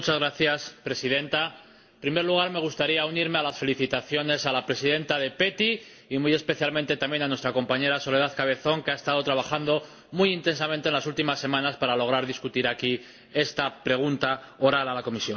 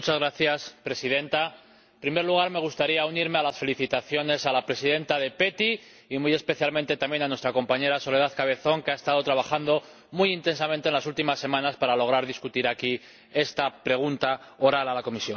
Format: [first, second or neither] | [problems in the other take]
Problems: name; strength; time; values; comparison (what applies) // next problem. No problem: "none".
second | room echo; dies away in 0.7 s